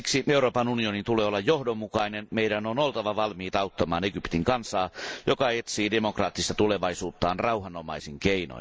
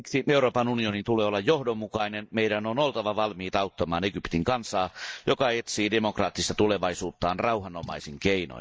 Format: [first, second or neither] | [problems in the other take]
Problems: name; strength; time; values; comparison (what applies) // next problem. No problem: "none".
first | noise reduction (neural mask model DeepFilterNet 3)